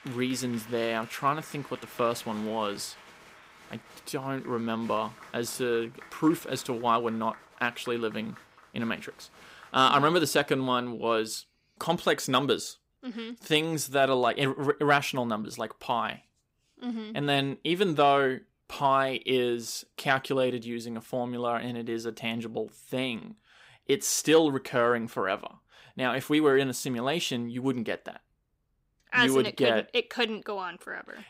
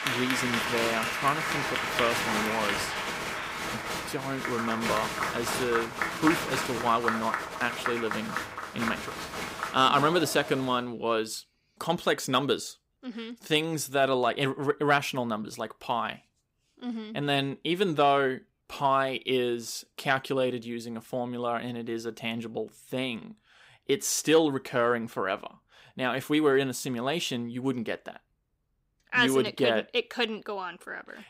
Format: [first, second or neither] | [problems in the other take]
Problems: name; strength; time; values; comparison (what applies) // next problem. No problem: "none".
first | crowd noise; loud; until 11 s; 2 dB below the speech; faint in the first